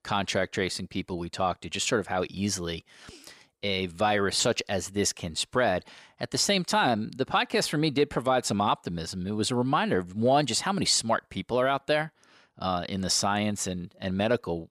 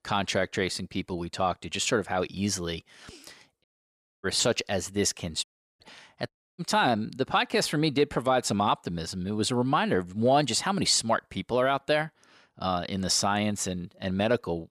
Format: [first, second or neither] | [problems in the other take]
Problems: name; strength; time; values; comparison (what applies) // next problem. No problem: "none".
first | audio cutting out; at 3.5 s for 0.5 s, at 5.5 s and at 6.5 s